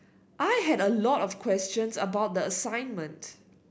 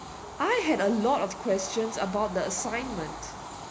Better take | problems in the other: first | background sound (Train / Bird vocalization, bird call, bird song); 11 dB below the speech

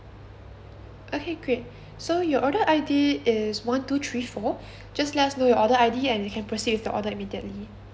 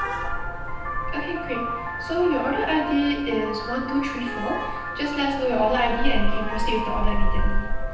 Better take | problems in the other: first | background sound (Vehicle horn, car horn, honking); 2 dB above the speech // room echo; dies away in 0.9 s

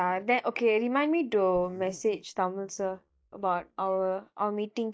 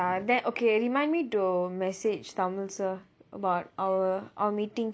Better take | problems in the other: second | noise reduction (neural mask model DeepFilterNet 3)

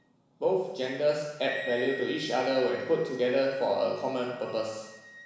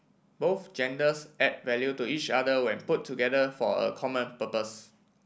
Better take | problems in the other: second | background sound (Wind instrument, woodwind instrument); 16 dB below the speech // room echo; dies away in 1 s

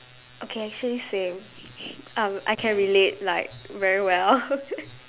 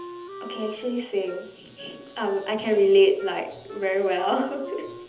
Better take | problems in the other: first | background sound (Wind instrument, woodwind instrument); 17 dB below the speech // room echo; dies away in 1.2 s

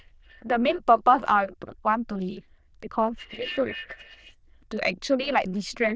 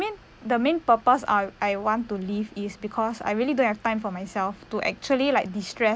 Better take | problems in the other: second | noise reduction (neural diffusion model UNIVERSE++)

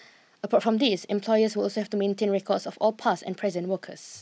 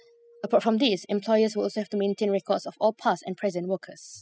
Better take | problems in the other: first | noise reduction (classical method spectral subtraction)

